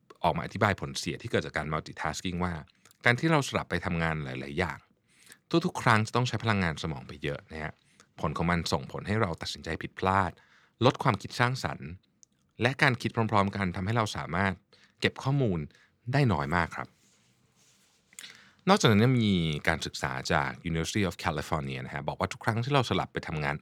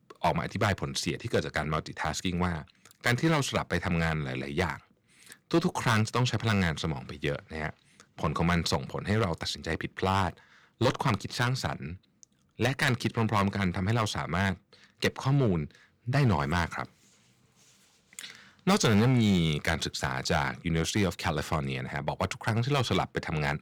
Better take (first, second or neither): first